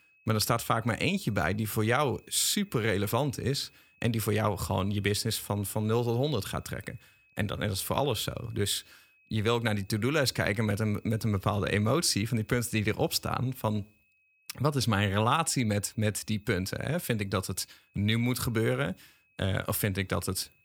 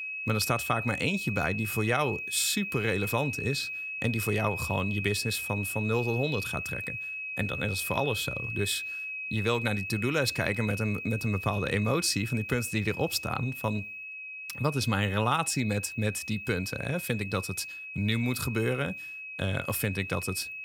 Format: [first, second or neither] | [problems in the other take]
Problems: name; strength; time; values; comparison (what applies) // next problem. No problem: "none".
first | high-pitched whine; loud; throughout; 2.5 kHz, 5 dB below the speech; faint in the first